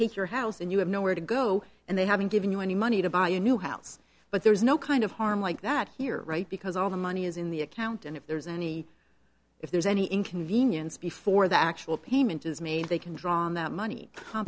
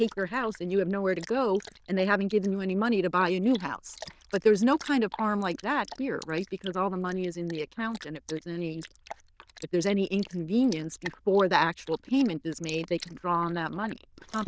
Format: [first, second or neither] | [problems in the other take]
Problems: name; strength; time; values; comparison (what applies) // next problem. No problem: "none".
first | noise reduction (neural diffusion model UNIVERSE++)